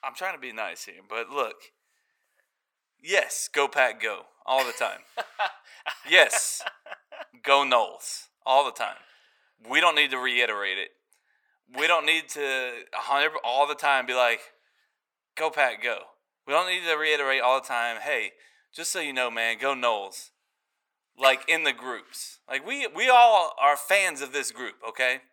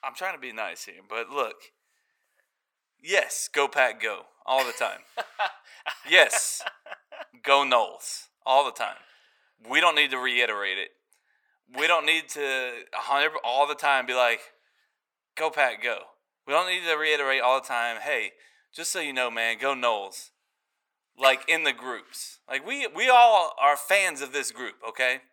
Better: neither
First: thin; very; fading below 850 Hz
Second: thin; very; fading below 850 Hz

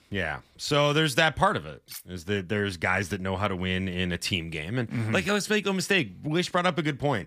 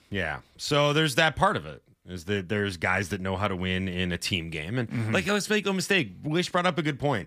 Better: second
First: clattering dishes; faint; at 2 s; peak 15 dB below the speech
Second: none

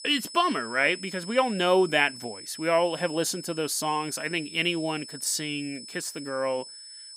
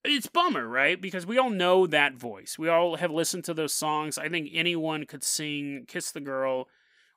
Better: second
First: high-pitched whine; noticeable; throughout; 5 kHz, 15 dB below the speech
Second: none

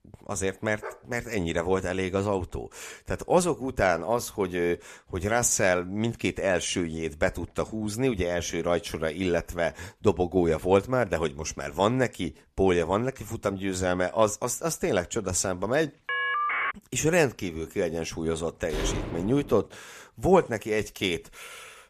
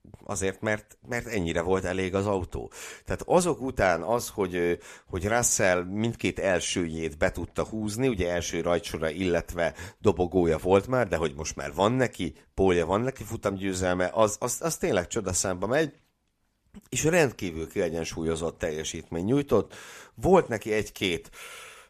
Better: second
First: dog barking; faint; at 1 s; peak 15 dB below the speech // phone ringing; loud; at 16 s; peak 1 dB above the speech // door banging; noticeable; at 19 s; peak 4 dB below the speech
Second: none

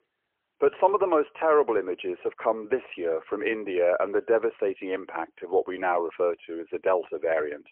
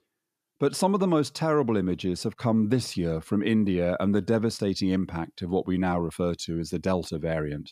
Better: second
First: phone-call audio; poor line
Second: none

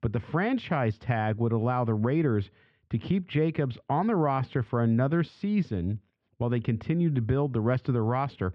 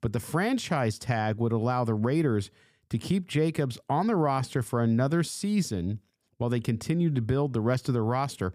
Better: second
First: muffled; very; fading above 3 kHz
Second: none

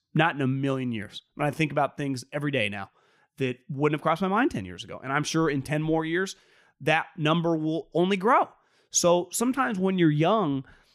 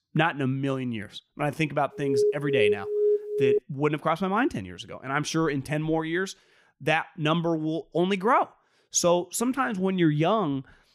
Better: first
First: none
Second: alarm; loud; from 2 to 3.5 s; peak 2 dB above the speech

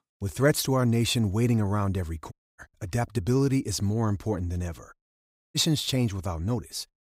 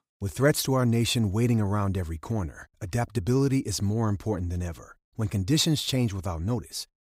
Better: second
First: audio cutting out; at 2.5 s and at 5 s for 0.5 s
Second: none

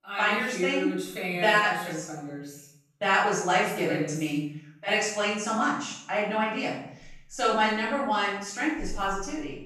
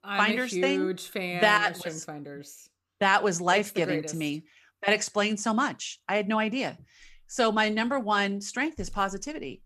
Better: second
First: off-mic speech; far // room echo; noticeable; dies away in 0.6 s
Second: none

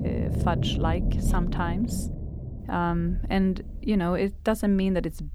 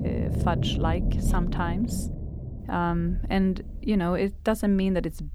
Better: neither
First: low rumble; loud; throughout; 10 dB below the speech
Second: low rumble; loud; throughout; 10 dB below the speech

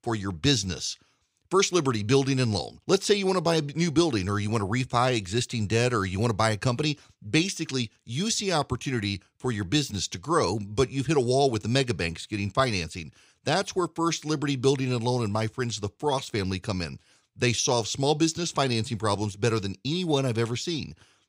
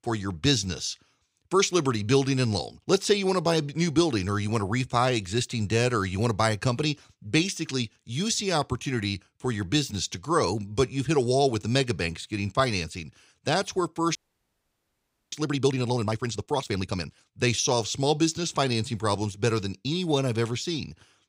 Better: first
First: none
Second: audio freezing; at 14 s for 1 s

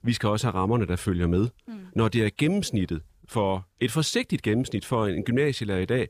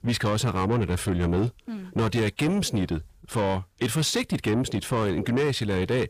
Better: first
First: none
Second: distortion; slight; 10 dB below the speech

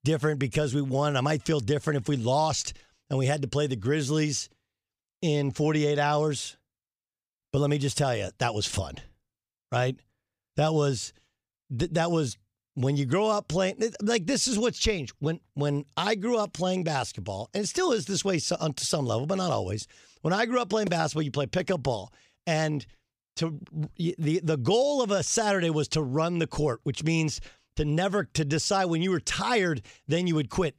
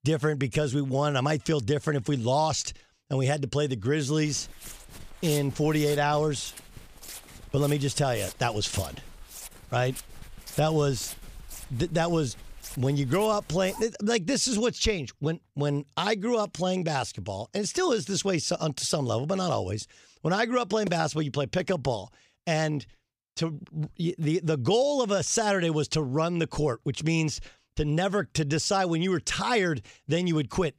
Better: first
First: none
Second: footsteps; noticeable; from 4 to 14 s; peak 9 dB below the speech

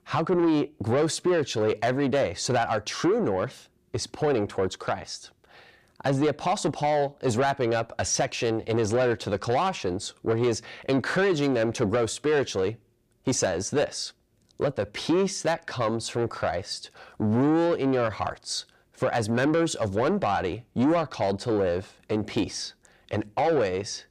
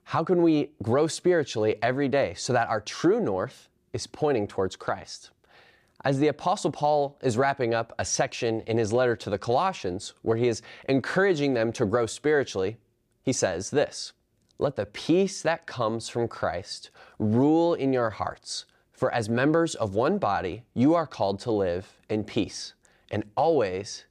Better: second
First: distortion; slight; 10 dB below the speech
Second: none

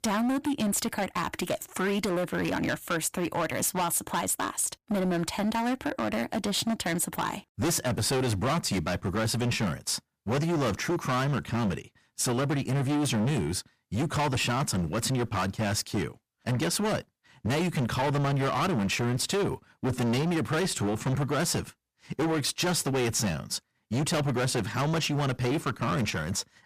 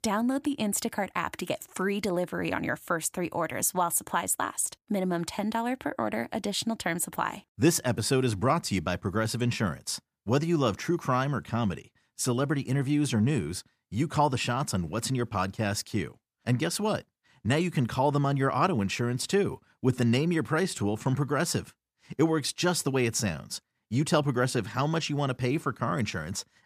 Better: second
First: distortion; heavy; 24% of the sound clipped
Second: none

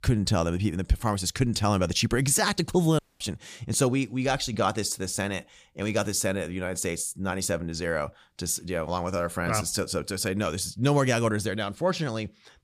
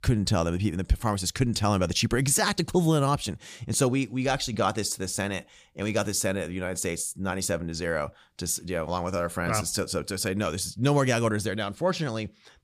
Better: second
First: audio cutting out; at 3 s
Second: none

